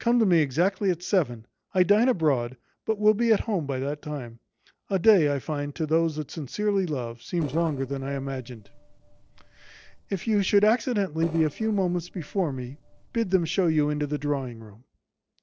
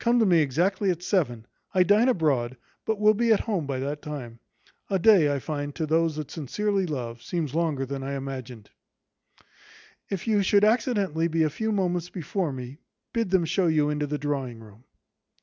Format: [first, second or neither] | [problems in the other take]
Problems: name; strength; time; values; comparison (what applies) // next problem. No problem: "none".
second | noise reduction (neural separator model SepFormer DNS4)